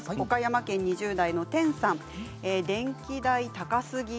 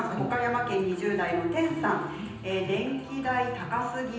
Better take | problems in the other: first | room echo; dies away in 0.9 s

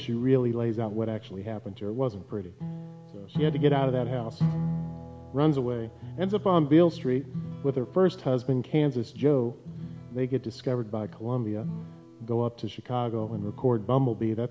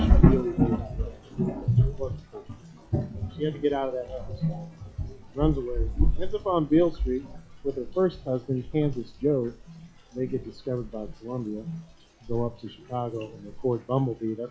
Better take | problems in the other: first | noise reduction (classical method log-MMSE)

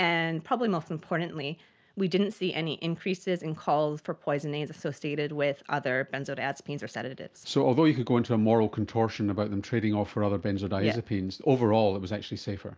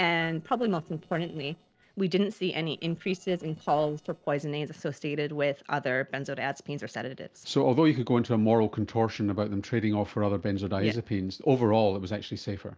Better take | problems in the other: first | noise reduction (neural separator model SepFormer DNS4)

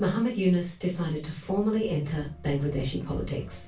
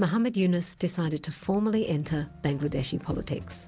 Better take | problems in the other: second | room echo; dies away in 0.2 s

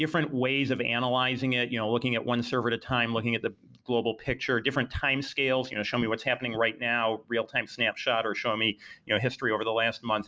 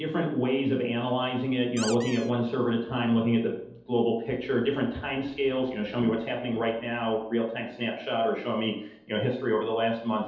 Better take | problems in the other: first | background sound (Squeak); 11 dB below the speech // room echo; dies away in 2.2 s

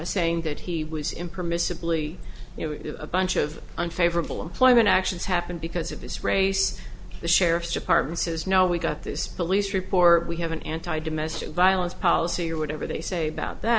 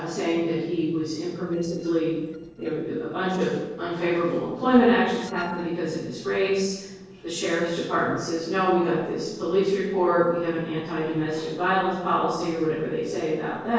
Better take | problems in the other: first | noise reduction (neural separator model SepFormer DNS4)

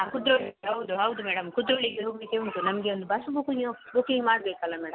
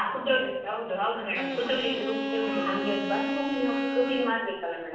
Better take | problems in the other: first | background sound (Bowed string instrument); 2 dB below the speech // room echo; dies away in 0.7 s

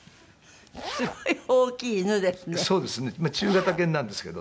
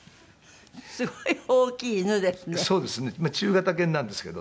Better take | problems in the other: second | background sound (Zipper (clothing)); 12 dB below the speech

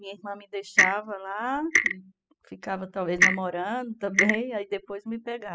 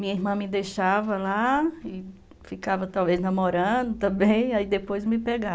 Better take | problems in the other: second | noise reduction (classical method spectral subtraction)

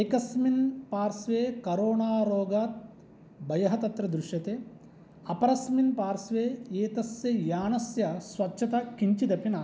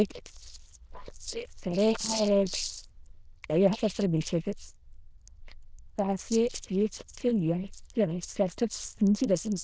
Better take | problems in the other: first | noise reduction (neural diffusion model UNIVERSE++)

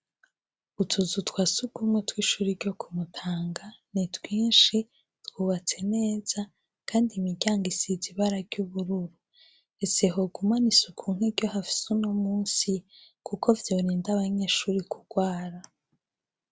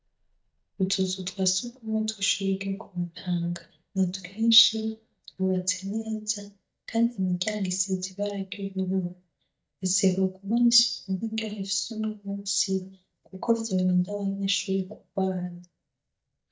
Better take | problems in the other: first | noise reduction (neural mask model DeepFilterNet 3)

